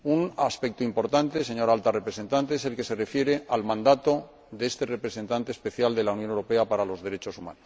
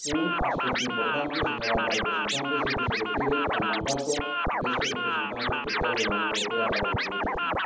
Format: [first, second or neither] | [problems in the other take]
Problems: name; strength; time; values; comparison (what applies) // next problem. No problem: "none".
first | background sound (Scratching (performance technique)); 3 dB above the speech // room echo; dies away in 2.2 s